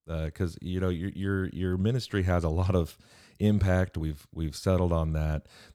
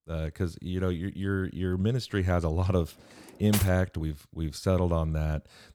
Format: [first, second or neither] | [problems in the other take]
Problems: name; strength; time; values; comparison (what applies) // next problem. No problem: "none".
first | clattering dishes; noticeable; at 3.5 s; peak 4 dB below the speech